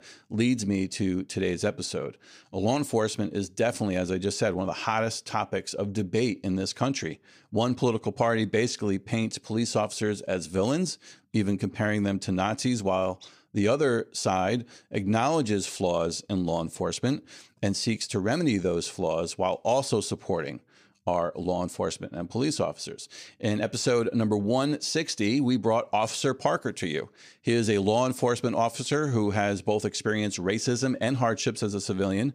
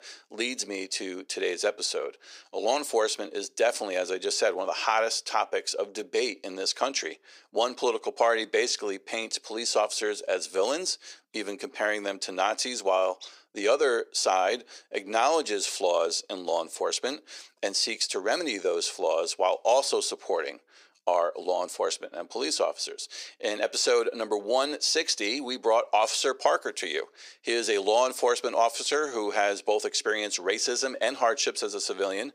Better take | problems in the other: first | thin; very; fading below 400 Hz

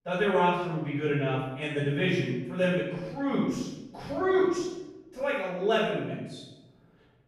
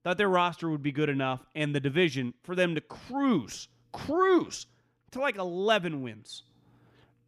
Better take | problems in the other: second | room echo; strong; dies away in 0.9 s // off-mic speech; far

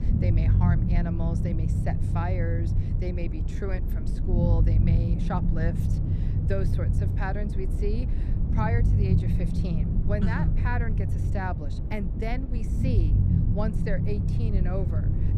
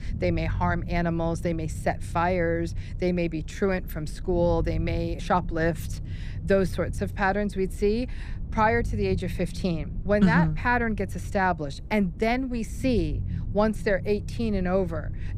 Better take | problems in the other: second | low rumble; loud; throughout; 3 dB below the speech; faint in the second

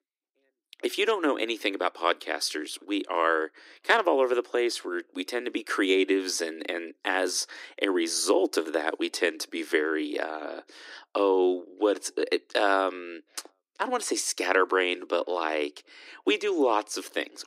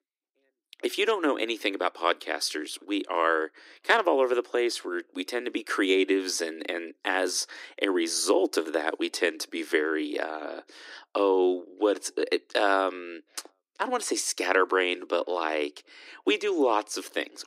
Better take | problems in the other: neither | thin; somewhat; fading below 300 Hz; the same in both

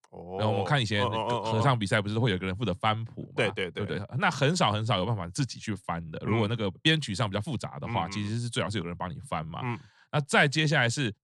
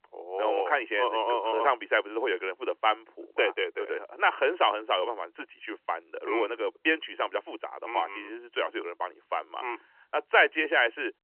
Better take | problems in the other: first | phone-call audio; nothing above 3 kHz

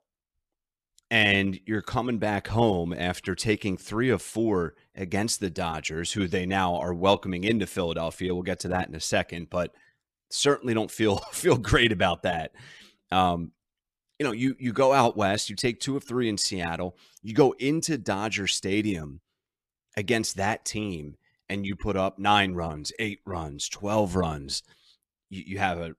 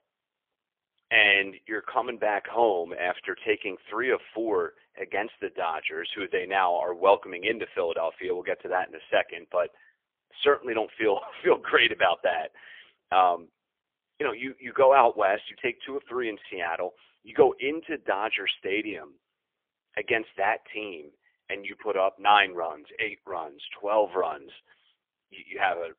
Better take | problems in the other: first | phone-call audio; poor line; nothing above 3.5 kHz

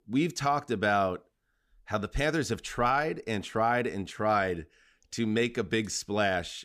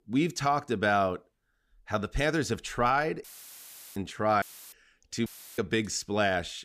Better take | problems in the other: first | audio cutting out; filled with static; at 3 s for 0.5 s, at 4.5 s and at 5.5 s

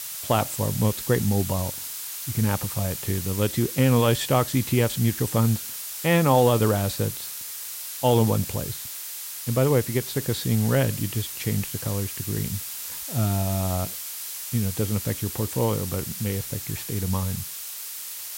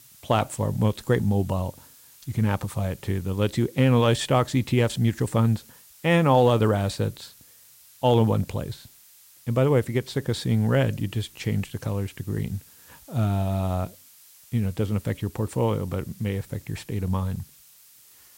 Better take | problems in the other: second | hiss; loud; throughout; 6 dB below the speech; faint in the second

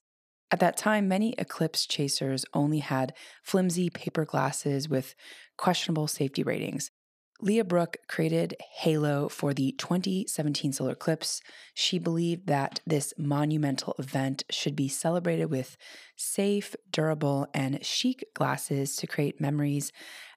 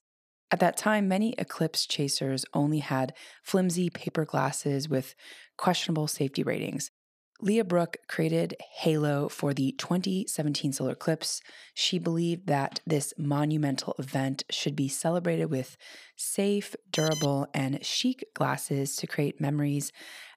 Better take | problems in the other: first | alarm; noticeable; at 17 s; peak 4 dB below the speech

